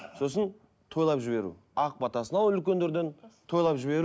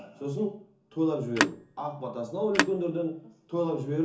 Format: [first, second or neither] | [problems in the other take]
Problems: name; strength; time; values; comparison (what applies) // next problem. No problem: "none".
first | background sound (Telephone); 2 dB below the speech // room echo; dies away in 0.7 s